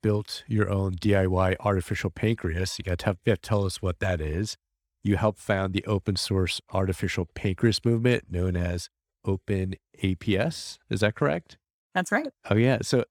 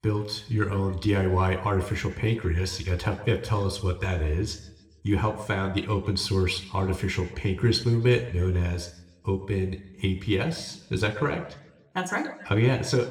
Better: first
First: none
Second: room echo; slight; dies away in 0.7 s

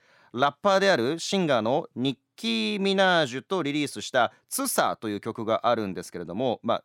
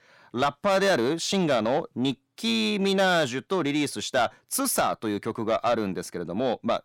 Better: first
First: none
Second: distortion; slight; 10 dB below the speech

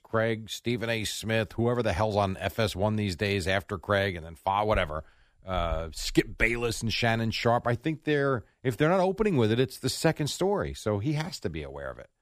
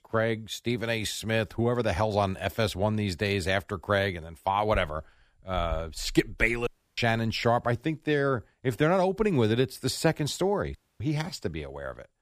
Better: first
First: none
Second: audio cutting out; at 6.5 s and at 11 s

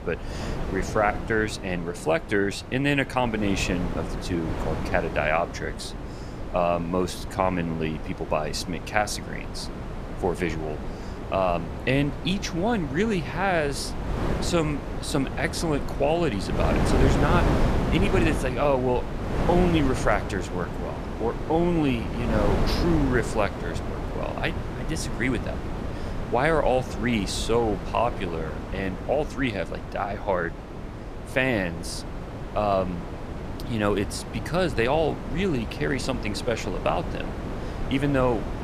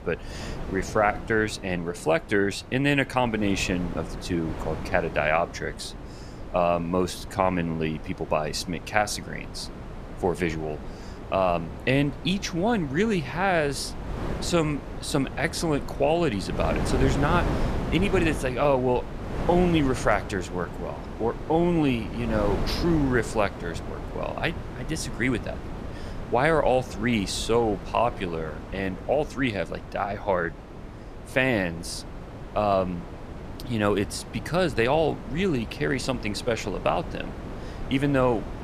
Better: second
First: wind noise on the microphone; heavy; 8 dB below the speech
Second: wind noise on the microphone; occasional gusts; 15 dB below the speech

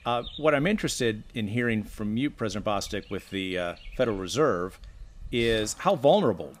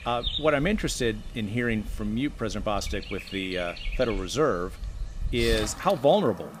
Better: first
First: animal sounds; faint; throughout; 20 dB below the speech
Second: animal sounds; loud; throughout; 10 dB below the speech

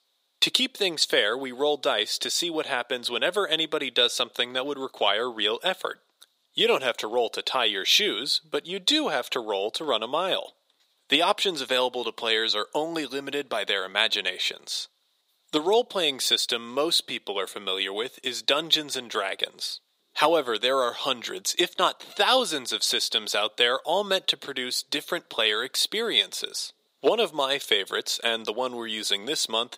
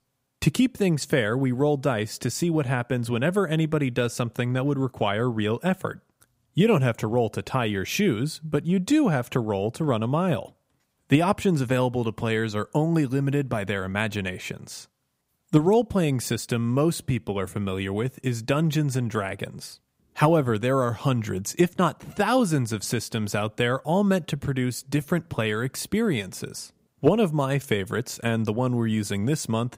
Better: second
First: thin; very; fading below 400 Hz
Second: none

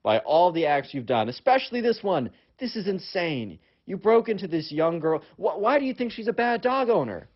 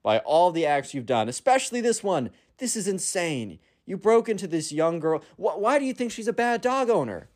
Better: second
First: garbled, watery; badly; nothing above 5.5 kHz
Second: none

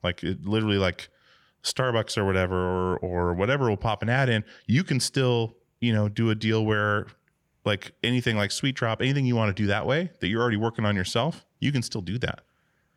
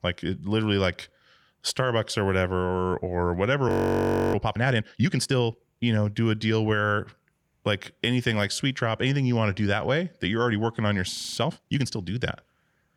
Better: first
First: none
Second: audio freezing; at 3.5 s for 0.5 s and at 11 s

